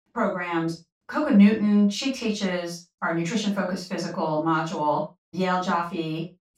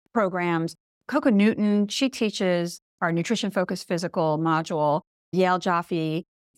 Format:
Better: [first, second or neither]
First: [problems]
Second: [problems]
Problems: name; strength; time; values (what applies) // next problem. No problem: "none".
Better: second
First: room echo; noticeable; dies away in 0.2 s // off-mic speech; far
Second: none